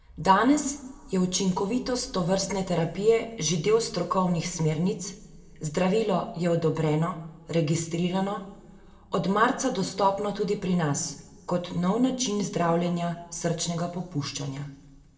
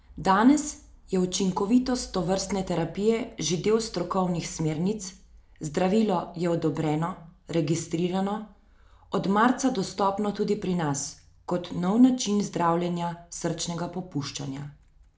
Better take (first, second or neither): second